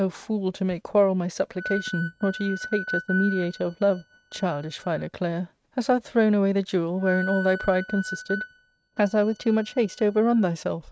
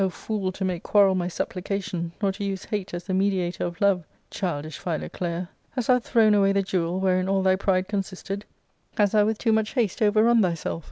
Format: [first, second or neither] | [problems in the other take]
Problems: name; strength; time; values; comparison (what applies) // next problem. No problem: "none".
second | noise reduction (neural mask model RNNoise)